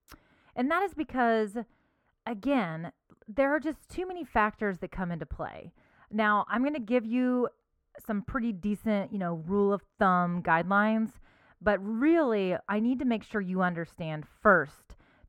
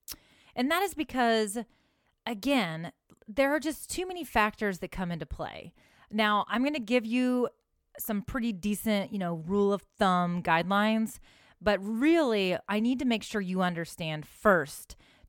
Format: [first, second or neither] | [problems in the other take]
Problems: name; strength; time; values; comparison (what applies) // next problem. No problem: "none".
second | muffled; very; fading above 2.5 kHz